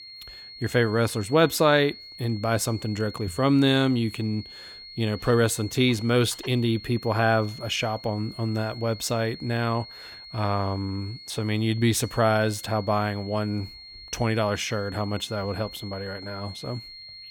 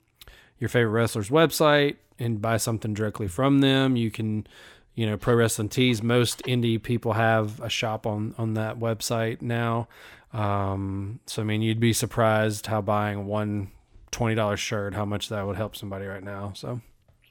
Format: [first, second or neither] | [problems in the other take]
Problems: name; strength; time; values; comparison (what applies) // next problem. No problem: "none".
second | high-pitched whine; noticeable; throughout; 4.5 kHz, 15 dB below the speech